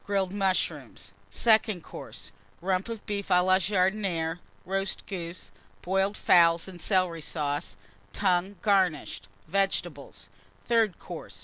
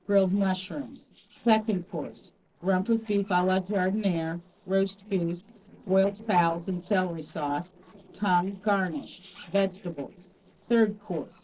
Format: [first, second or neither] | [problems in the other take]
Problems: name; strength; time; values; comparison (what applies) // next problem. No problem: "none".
first | noise reduction (neural separator model SepFormer DNS4)